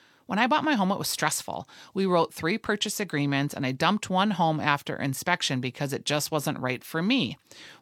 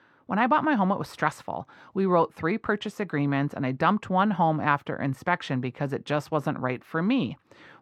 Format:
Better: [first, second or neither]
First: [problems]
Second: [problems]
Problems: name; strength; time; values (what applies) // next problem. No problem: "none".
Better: first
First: none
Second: muffled; very; fading above 3 kHz